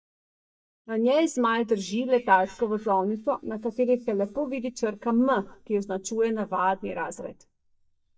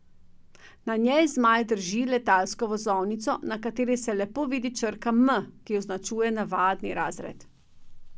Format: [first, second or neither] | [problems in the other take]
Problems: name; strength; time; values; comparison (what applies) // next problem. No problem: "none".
second | noise reduction (neural mask model DeepFilterNet 3)